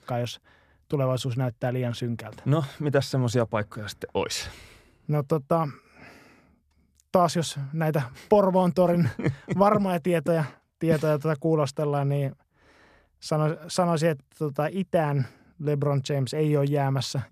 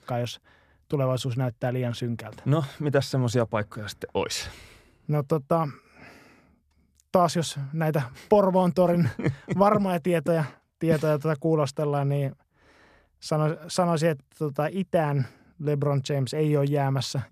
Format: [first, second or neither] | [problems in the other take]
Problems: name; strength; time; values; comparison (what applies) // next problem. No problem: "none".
neither | none